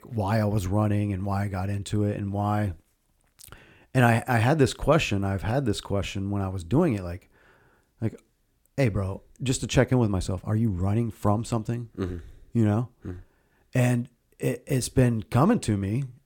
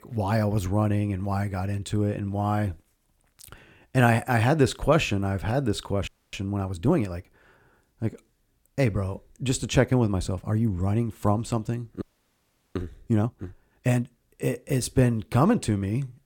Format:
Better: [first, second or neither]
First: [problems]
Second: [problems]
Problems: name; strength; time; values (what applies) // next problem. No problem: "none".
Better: first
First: none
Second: audio freezing; at 6 s and at 12 s for 0.5 s